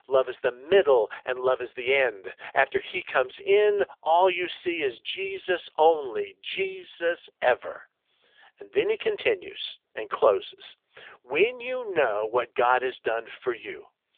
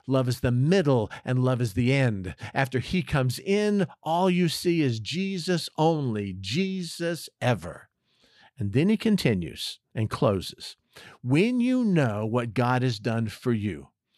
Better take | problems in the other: second | phone-call audio; poor line

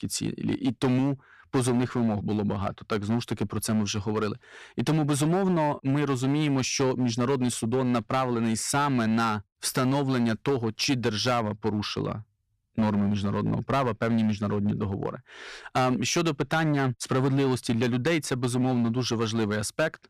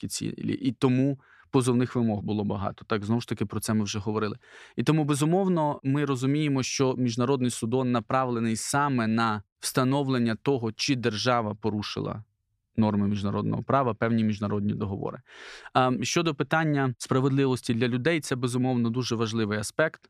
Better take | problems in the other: second | distortion; slight; 10% of the sound clipped

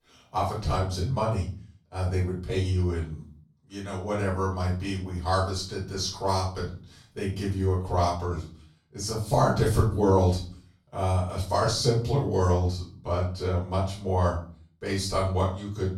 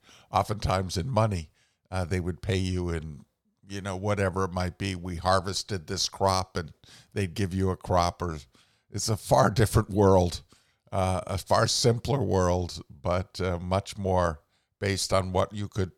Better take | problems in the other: second | off-mic speech; far // room echo; slight; dies away in 0.4 s

